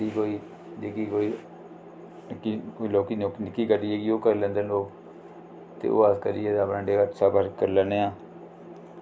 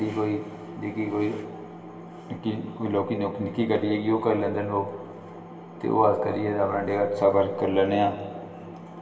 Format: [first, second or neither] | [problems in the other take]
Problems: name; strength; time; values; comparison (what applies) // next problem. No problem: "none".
first | room echo; dies away in 2.2 s